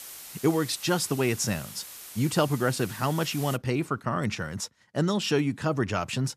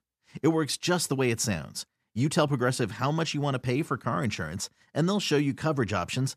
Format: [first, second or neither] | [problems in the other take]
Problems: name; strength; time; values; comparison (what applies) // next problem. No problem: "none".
second | hiss; noticeable; until 3.5 s; 15 dB below the speech